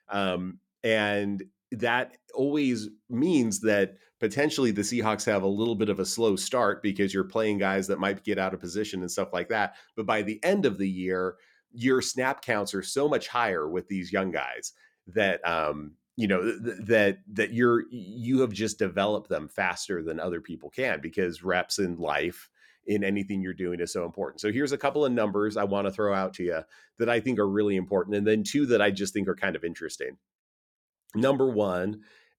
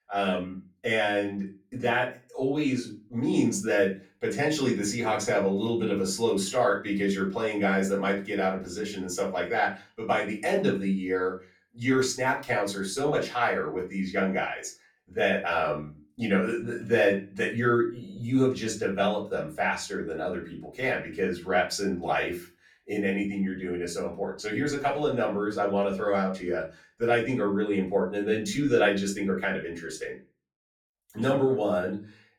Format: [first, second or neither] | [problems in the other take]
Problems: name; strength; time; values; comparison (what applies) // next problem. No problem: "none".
first | off-mic speech; far // room echo; very slight; dies away in 0.3 s